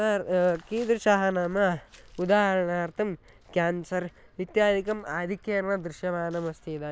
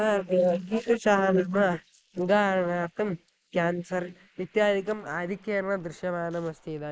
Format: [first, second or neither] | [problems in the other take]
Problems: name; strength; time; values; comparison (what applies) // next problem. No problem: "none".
first | noise reduction (neural mask model Resemble Enhance denoiser)